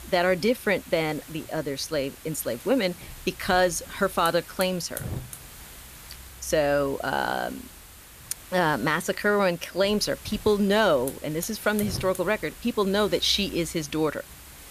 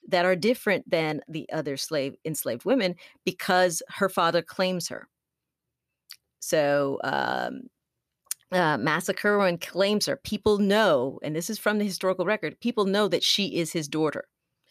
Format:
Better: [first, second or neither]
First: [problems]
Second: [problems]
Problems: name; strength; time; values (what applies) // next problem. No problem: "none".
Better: second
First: hiss; noticeable; throughout; 15 dB below the speech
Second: none